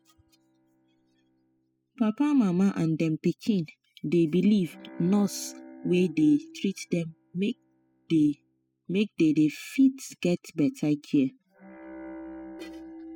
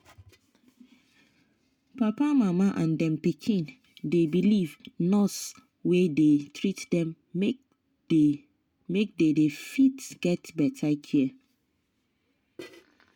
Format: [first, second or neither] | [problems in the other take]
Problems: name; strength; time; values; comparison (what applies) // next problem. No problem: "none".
second | noise reduction (classical method spectral subtraction)